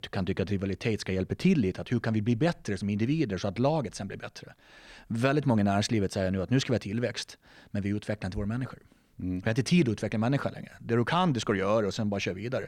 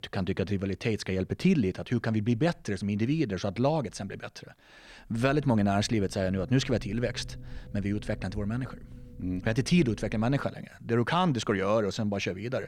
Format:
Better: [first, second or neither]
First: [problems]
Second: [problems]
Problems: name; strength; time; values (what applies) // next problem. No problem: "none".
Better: first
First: none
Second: low rumble; faint; from 5 to 10 s; 25 dB below the speech